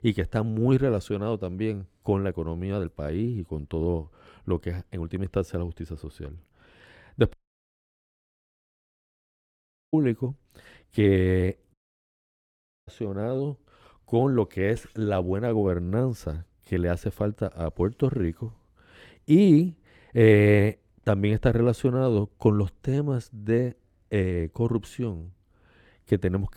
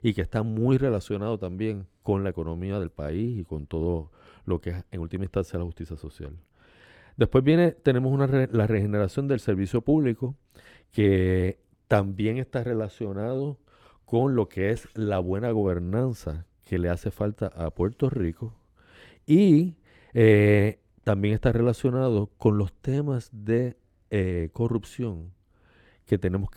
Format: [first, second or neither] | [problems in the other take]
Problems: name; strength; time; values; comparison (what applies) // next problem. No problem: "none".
second | audio cutting out; at 7.5 s for 2.5 s and at 12 s for 1 s